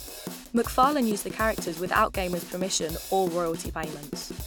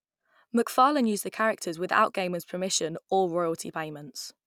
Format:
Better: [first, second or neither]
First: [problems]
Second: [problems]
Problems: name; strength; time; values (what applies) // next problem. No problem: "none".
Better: second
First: background sound (Drum / Drum kit); 10 dB below the speech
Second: none